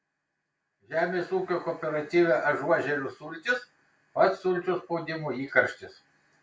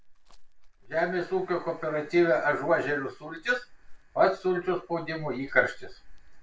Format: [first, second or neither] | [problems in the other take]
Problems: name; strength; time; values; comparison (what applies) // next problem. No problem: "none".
first | background sound (Chirp, tweet); 17 dB below the speech